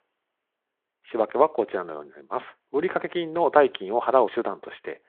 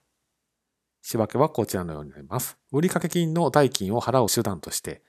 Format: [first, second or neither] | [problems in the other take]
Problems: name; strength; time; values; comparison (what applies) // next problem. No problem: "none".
second | phone-call audio